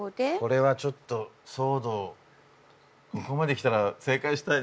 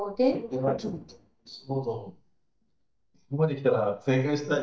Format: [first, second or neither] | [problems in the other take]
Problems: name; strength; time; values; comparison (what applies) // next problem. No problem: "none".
first | noise reduction (neural mask model DeepFilterNet 3)